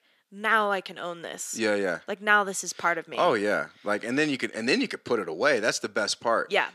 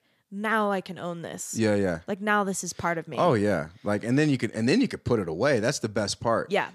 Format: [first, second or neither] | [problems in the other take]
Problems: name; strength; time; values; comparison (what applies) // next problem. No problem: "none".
second | thin; somewhat; fading below 300 Hz